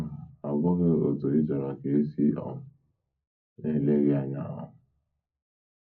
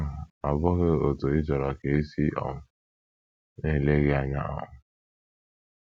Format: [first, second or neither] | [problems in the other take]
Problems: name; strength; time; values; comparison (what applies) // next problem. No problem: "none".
second | room echo; dies away in 0.4 s